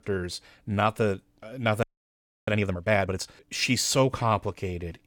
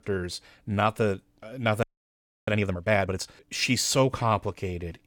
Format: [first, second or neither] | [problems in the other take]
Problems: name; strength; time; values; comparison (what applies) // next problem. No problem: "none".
neither | audio freezing; at 2 s for 0.5 s; the same in both